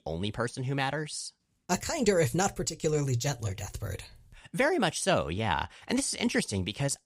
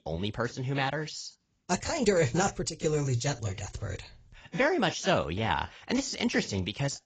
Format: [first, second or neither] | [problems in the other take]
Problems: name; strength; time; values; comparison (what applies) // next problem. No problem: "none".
first | garbled, watery; badly; nothing above 7.5 kHz